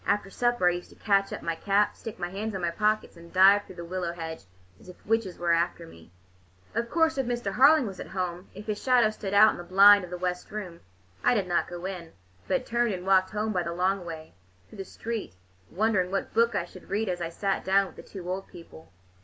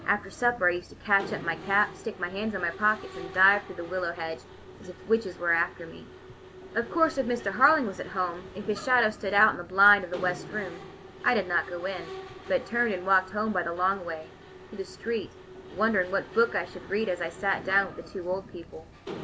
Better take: first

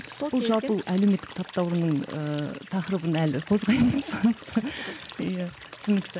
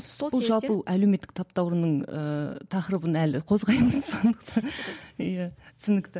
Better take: second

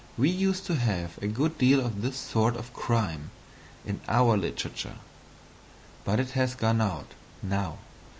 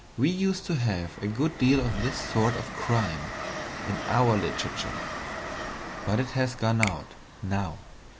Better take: first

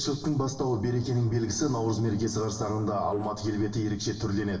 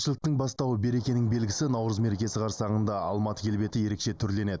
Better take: second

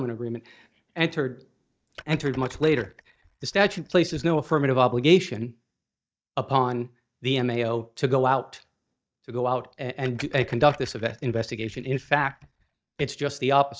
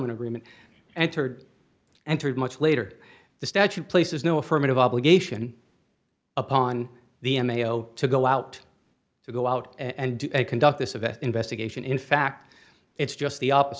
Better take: second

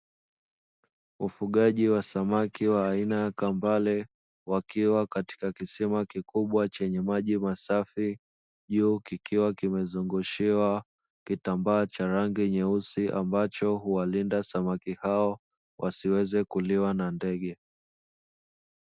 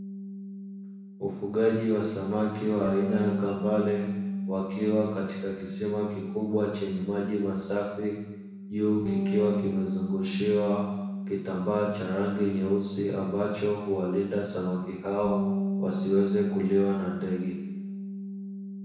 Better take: first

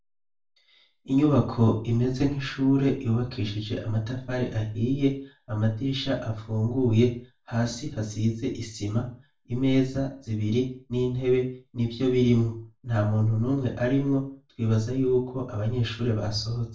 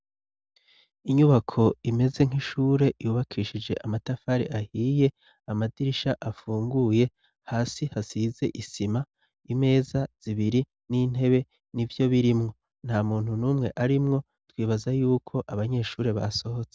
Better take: second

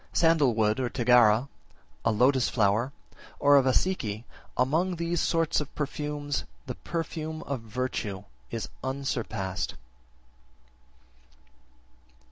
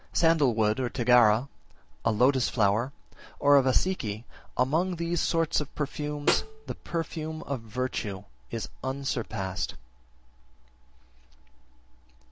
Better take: first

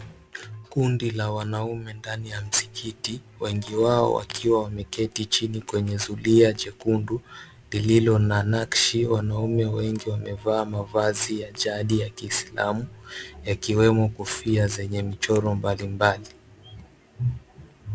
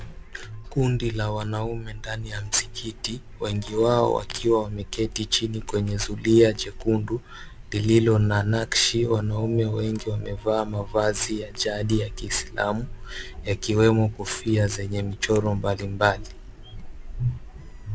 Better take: first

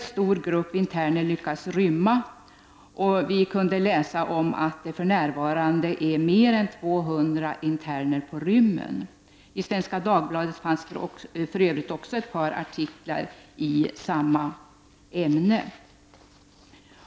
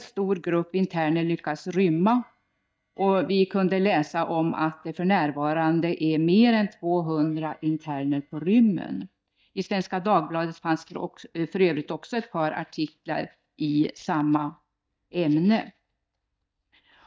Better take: first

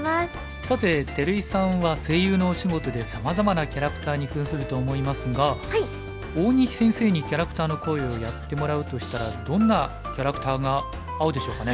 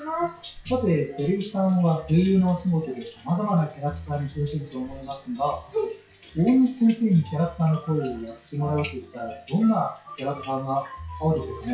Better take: first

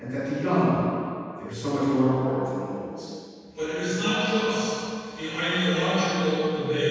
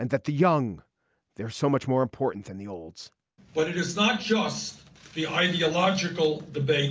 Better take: second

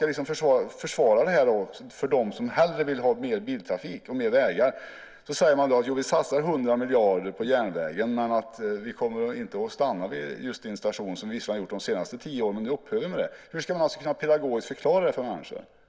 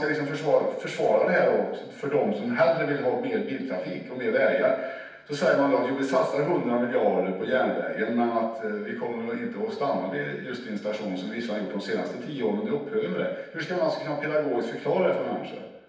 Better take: first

